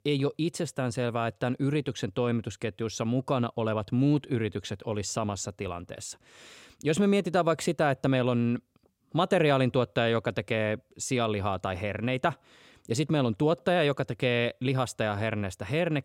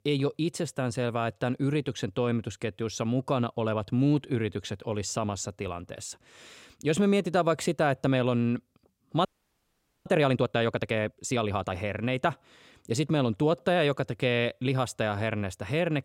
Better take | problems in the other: first | audio freezing; at 9.5 s for 1 s

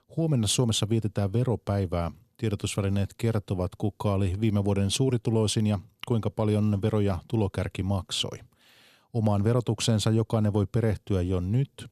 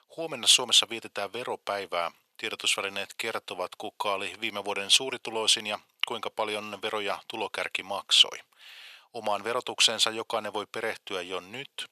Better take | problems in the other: first | thin; very; fading below 850 Hz

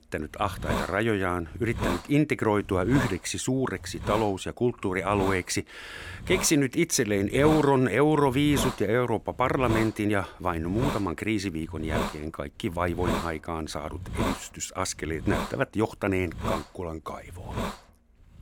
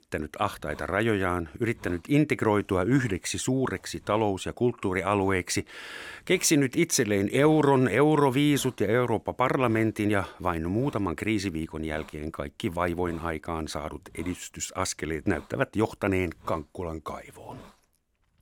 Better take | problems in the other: second | hiss; loud; throughout; 7 dB below the speech; faint in the second

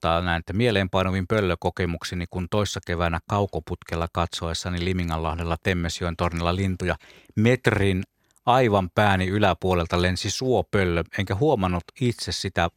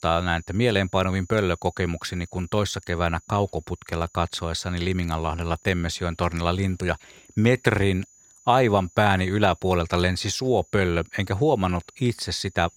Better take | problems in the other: first | high-pitched whine; faint; throughout; 7 kHz, 30 dB below the speech

